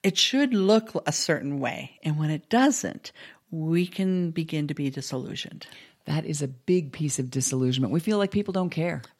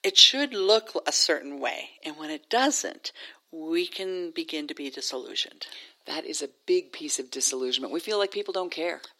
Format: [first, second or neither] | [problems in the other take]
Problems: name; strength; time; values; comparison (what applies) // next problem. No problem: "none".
first | thin; somewhat; fading below 350 Hz